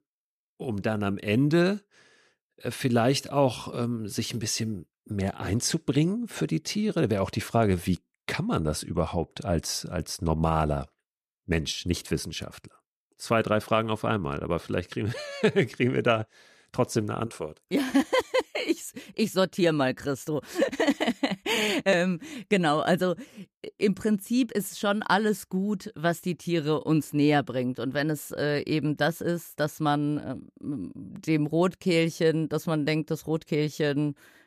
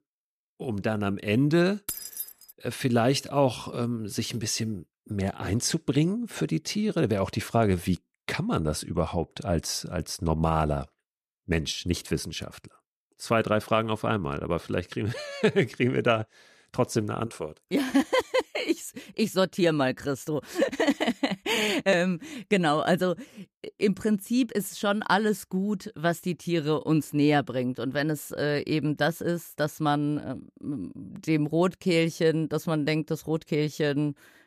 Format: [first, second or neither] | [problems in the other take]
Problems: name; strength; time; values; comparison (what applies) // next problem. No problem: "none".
first | jangling keys; noticeable; at 2 s; peak 6 dB below the speech